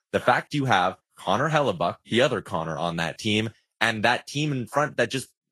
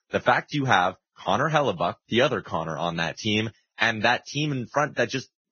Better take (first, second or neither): first